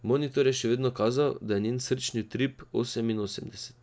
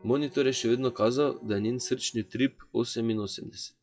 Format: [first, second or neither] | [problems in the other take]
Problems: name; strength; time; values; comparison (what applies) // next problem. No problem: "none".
first | noise reduction (classical method WPE with log-MMSE)